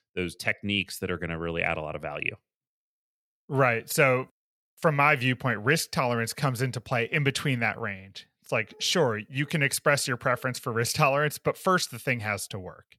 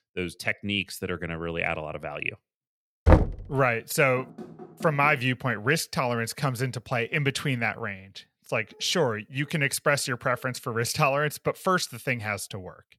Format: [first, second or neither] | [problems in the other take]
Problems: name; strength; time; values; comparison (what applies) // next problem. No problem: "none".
first | door banging; loud; at 3 s; peak 6 dB above the speech // door banging; faint; from 4 to 5 s; peak 15 dB below the speech